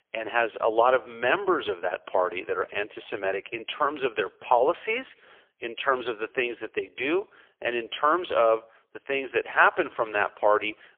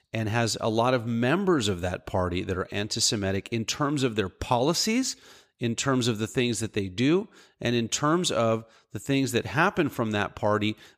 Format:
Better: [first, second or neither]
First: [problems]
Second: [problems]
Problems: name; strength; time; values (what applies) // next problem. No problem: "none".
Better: second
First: phone-call audio; poor line; nothing above 3 kHz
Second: none